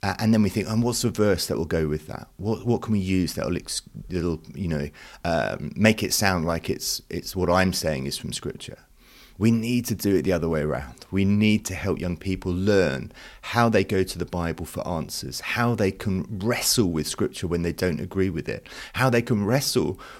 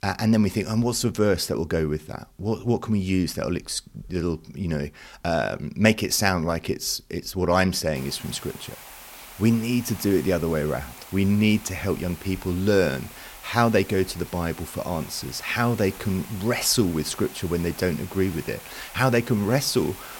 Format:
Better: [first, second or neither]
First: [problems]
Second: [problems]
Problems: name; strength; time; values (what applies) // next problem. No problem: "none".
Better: first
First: none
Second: hiss; noticeable; from 8 s on; 15 dB below the speech